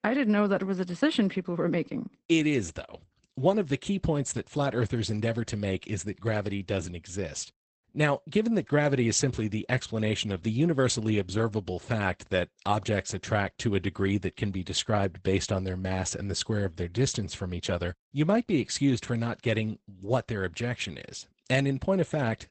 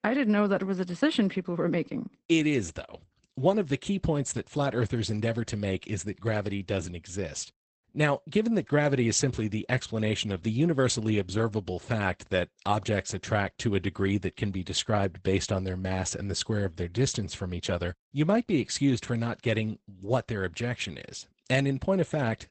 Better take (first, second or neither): neither